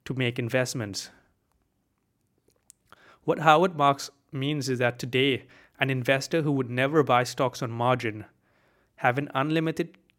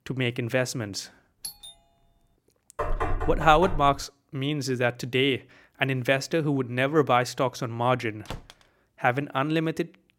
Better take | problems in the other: first | doorbell; faint; at 1.5 s; peak 10 dB below the speech // door banging; noticeable; from 3 to 4 s; peak 4 dB below the speech // door banging; faint; at 8.5 s; peak 15 dB below the speech

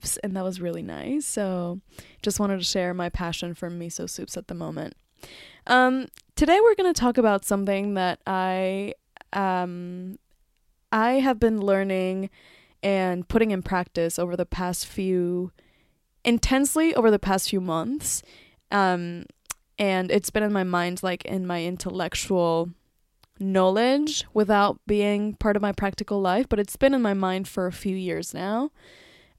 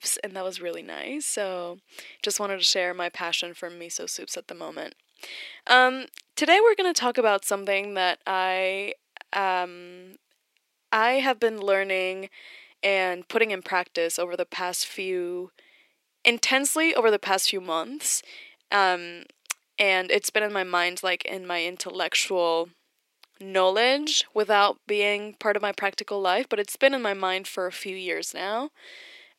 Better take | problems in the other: first | thin; somewhat; fading below 350 Hz

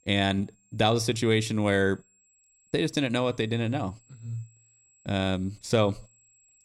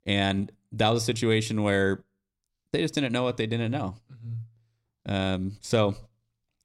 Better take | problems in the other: second | high-pitched whine; faint; throughout; 7.5 kHz, 35 dB below the speech

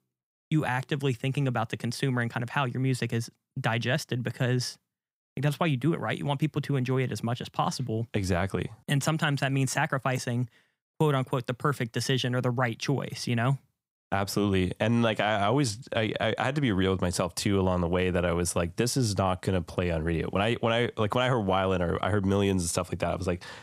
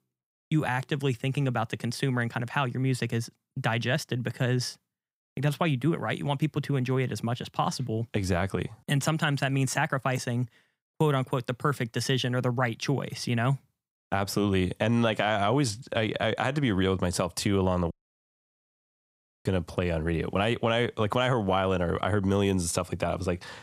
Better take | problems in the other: first | audio cutting out; at 18 s for 1.5 s

